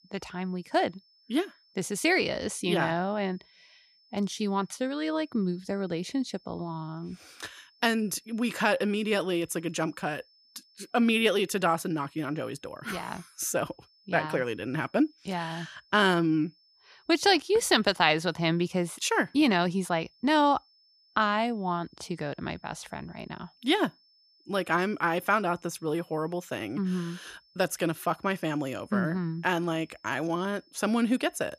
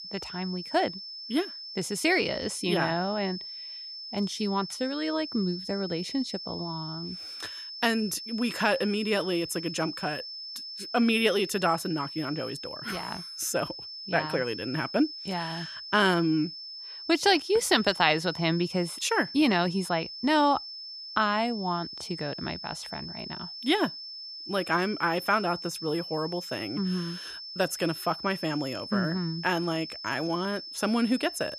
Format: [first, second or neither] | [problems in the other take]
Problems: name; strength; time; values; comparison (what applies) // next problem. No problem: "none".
first | high-pitched whine; loud; throughout; 5.5 kHz, 9 dB below the speech; faint in the first